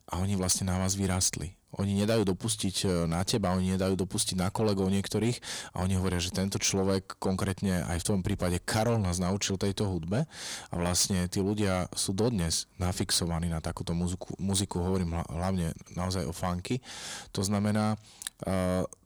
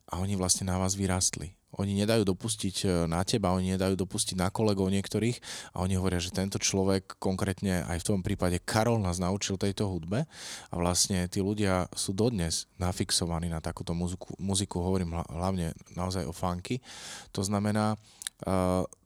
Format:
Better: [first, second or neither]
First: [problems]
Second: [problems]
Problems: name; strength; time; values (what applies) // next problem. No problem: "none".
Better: second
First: distortion; slight; 10 dB below the speech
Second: none